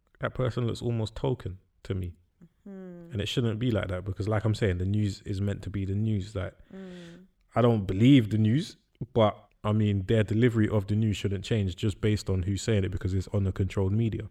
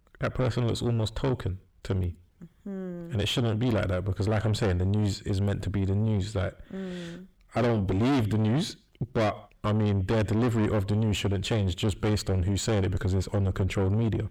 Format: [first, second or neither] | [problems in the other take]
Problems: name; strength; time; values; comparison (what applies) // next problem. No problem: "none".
first | distortion; heavy; 5 dB below the speech